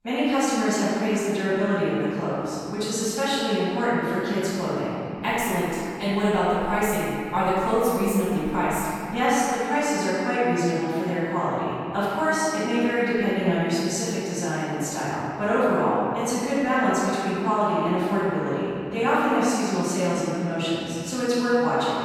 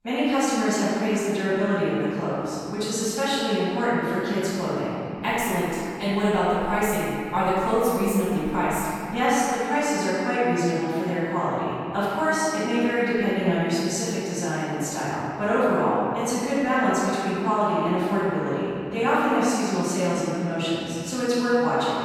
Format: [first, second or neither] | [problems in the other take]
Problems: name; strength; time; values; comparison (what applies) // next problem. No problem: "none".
neither | off-mic speech; far; the same in both // room echo; strong; dies away in 2.4 s; the same in both